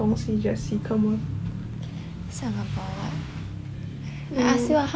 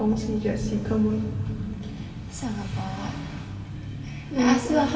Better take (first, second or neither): first